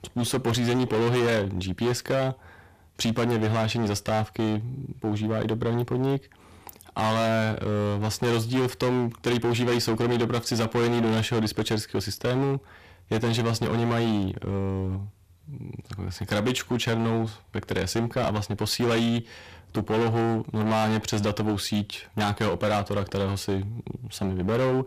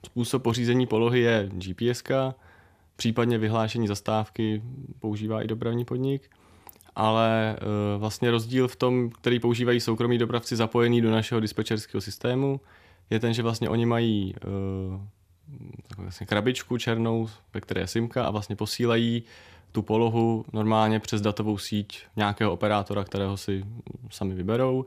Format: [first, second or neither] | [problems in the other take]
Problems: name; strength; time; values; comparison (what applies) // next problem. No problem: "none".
second | distortion; heavy; 18% of the sound clipped